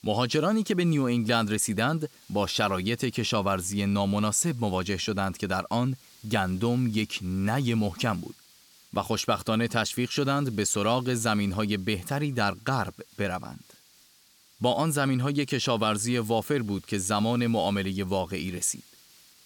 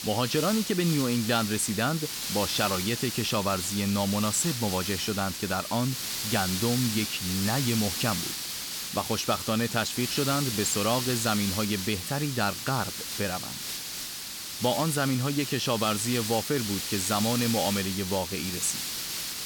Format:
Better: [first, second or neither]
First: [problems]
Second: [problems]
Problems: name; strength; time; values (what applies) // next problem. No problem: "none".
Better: first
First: hiss; faint; throughout; 25 dB below the speech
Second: hiss; loud; throughout; 3 dB below the speech